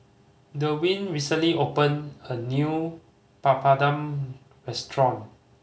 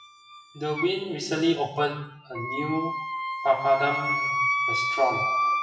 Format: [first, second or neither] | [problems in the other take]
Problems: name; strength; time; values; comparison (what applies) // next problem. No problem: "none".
first | noise reduction (classical method WPE with log-MMSE)